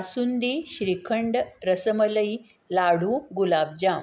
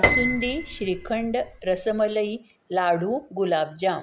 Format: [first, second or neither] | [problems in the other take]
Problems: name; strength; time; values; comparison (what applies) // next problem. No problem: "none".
first | background sound (Piano); 2 dB below the speech